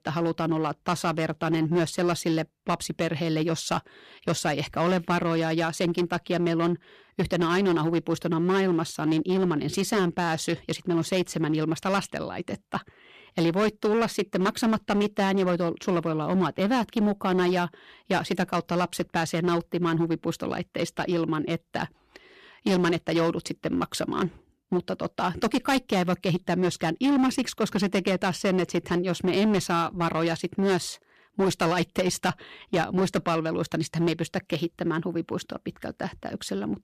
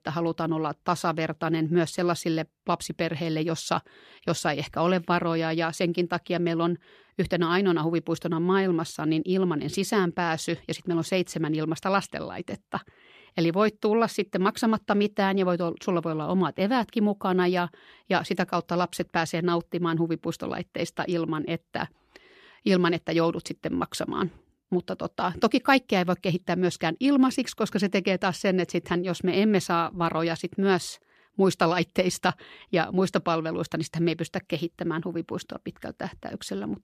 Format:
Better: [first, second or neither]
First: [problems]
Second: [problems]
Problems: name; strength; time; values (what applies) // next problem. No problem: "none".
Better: second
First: distortion; slight; 8% of the sound clipped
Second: none